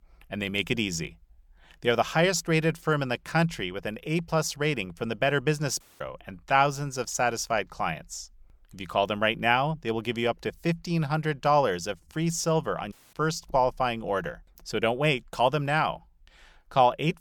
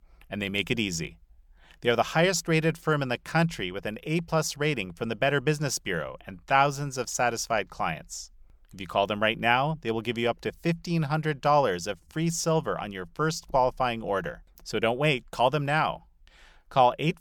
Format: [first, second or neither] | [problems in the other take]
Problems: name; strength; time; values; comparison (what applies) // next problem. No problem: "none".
second | audio cutting out; at 6 s and at 13 s